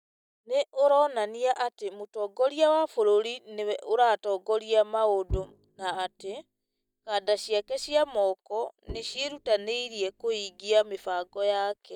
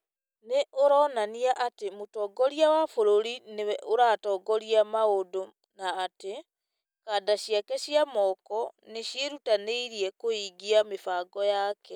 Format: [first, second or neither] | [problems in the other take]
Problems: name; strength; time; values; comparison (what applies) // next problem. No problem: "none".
second | noise reduction (neural mask model DeepFilterNet 3)